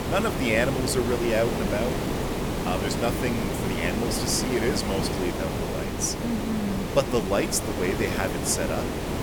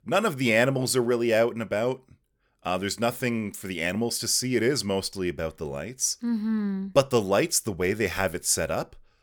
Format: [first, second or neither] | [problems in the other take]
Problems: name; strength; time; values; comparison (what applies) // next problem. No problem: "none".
second | hiss; loud; throughout; 1 dB below the speech